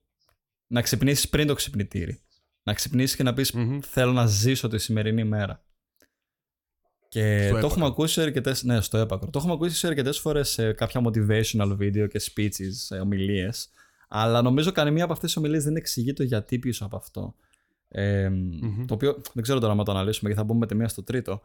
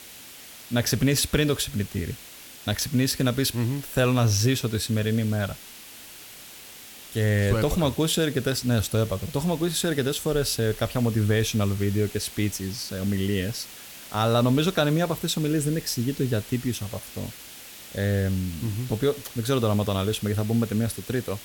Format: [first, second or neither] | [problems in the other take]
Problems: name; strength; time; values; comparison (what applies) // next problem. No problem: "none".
first | hiss; noticeable; throughout; 15 dB below the speech